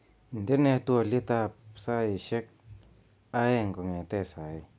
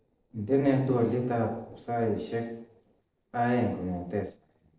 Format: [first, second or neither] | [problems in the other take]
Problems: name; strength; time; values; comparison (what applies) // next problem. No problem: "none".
first | noise reduction (neural separator model SepFormer DNS4)